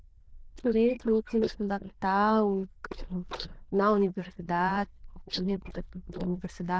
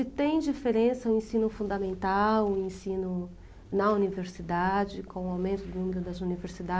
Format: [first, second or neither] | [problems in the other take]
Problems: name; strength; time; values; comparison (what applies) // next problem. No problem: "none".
second | noise reduction (neural diffusion model UNIVERSE++)